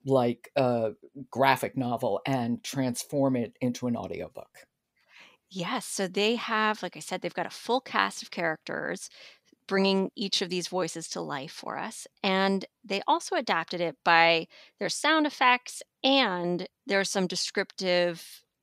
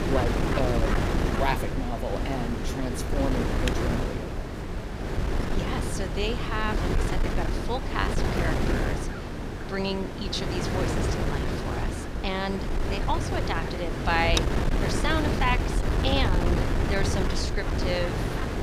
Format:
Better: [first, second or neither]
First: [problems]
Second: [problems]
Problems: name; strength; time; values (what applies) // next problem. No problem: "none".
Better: first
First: none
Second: wind noise on the microphone; heavy; 1 dB below the speech